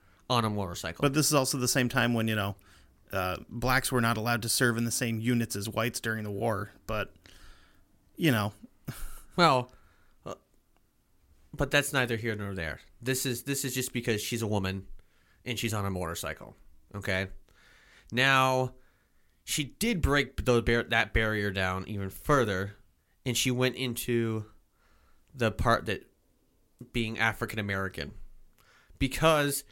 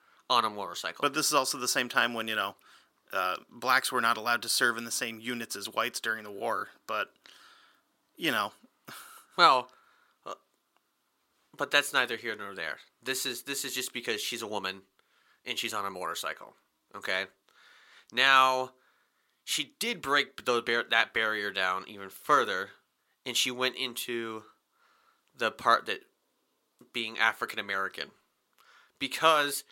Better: first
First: none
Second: thin; somewhat; fading below 350 Hz

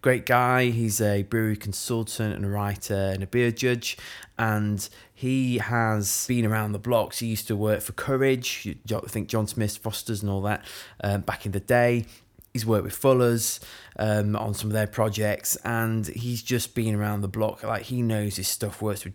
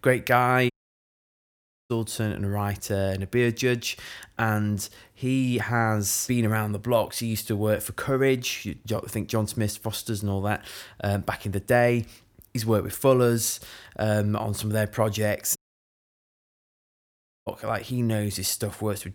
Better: first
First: none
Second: audio cutting out; at 0.5 s for 1 s and at 16 s for 2 s

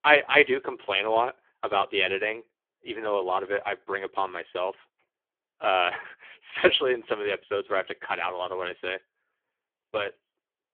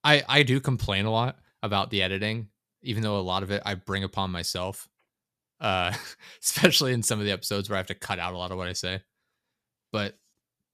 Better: second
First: phone-call audio; poor line; nothing above 3.5 kHz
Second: none

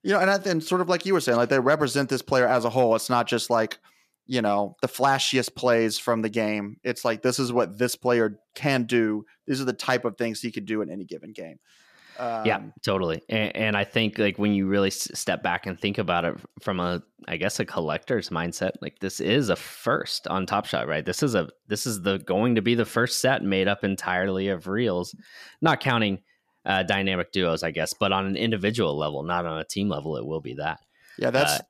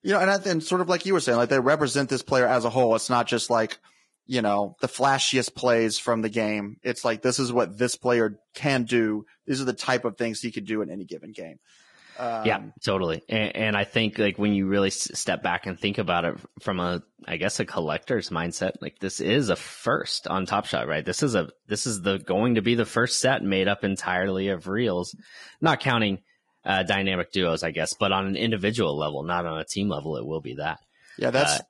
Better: first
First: none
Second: garbled, watery; badly; nothing above 10.5 kHz

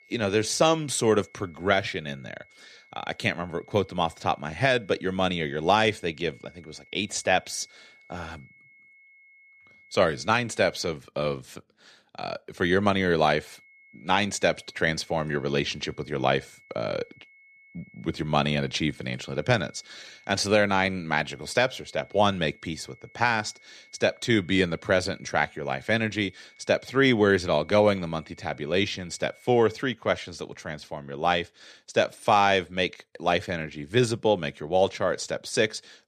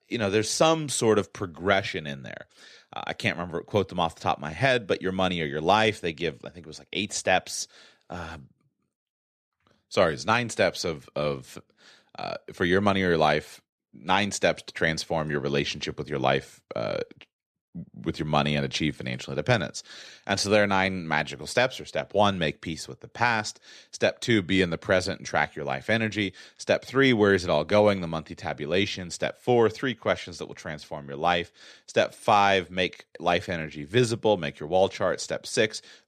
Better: second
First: high-pitched whine; faint; until 11 s and from 13 to 30 s; 2 kHz, 30 dB below the speech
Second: none

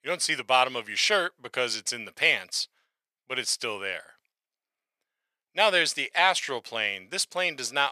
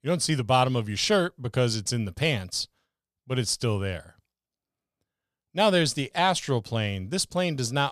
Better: second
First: thin; very; fading below 500 Hz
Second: none

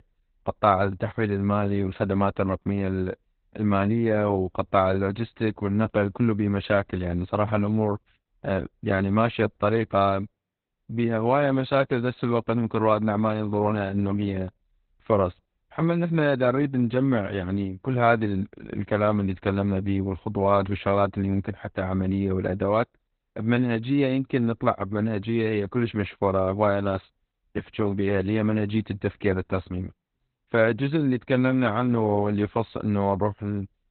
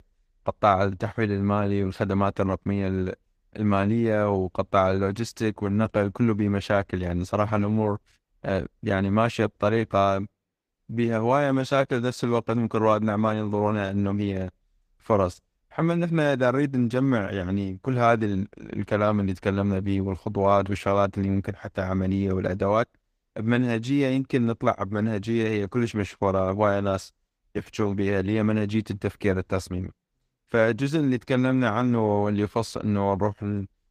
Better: second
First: garbled, watery; badly; nothing above 4 kHz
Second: garbled, watery; slightly; nothing above 15 kHz

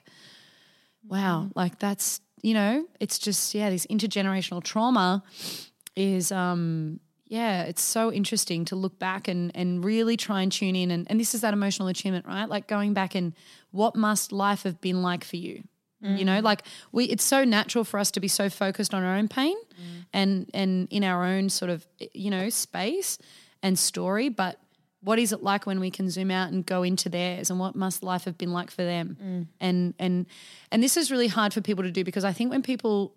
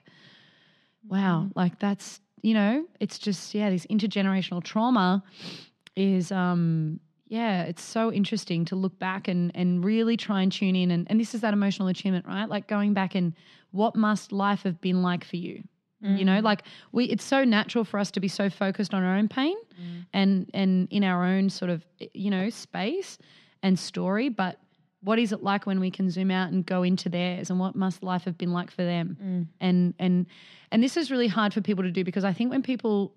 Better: first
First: none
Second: muffled; slightly; fading above 3 kHz

